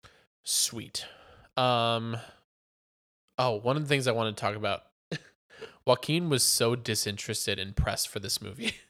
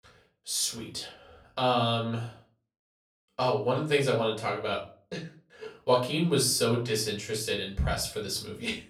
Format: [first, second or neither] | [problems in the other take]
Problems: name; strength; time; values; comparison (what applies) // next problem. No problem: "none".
first | off-mic speech; far // room echo; slight; dies away in 0.3 s